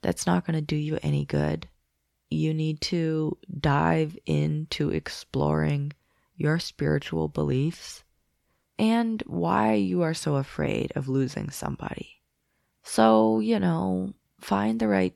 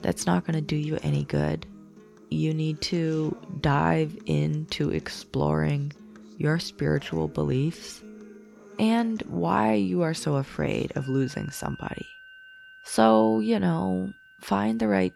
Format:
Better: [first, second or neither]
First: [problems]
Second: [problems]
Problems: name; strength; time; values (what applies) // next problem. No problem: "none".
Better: first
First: none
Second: background music; faint; throughout; 20 dB below the speech